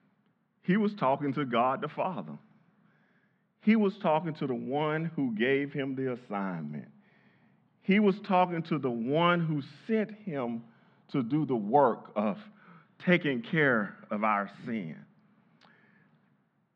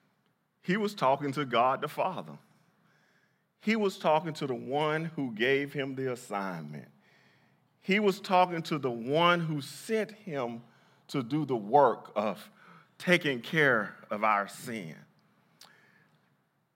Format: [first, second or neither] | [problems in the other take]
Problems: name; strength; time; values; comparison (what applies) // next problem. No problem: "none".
second | muffled; slightly; fading above 3 kHz